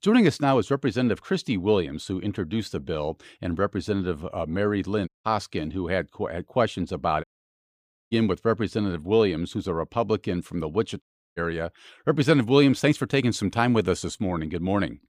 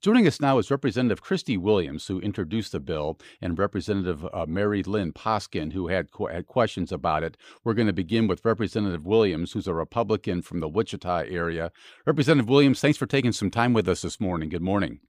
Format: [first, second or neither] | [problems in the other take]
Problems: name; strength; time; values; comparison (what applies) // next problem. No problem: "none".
second | audio cutting out; at 5 s, at 7 s for 1 s and at 11 s